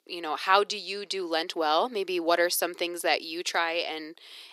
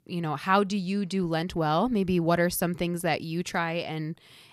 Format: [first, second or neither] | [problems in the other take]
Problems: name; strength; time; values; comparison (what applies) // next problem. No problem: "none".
second | thin; very; fading below 350 Hz